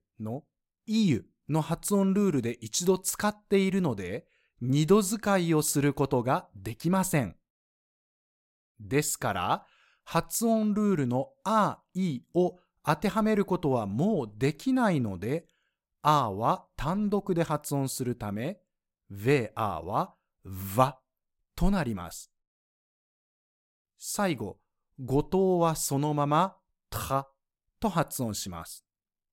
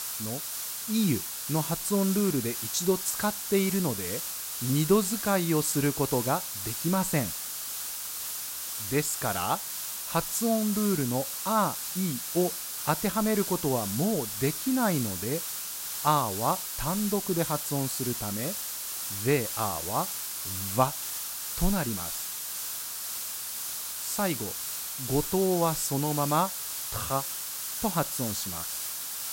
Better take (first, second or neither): first